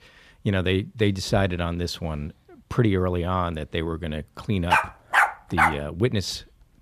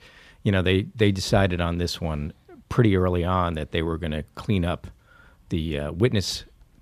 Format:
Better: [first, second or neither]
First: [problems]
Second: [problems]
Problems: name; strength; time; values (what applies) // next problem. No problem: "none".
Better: second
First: dog barking; loud; from 4.5 to 5.5 s; peak 6 dB above the speech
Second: none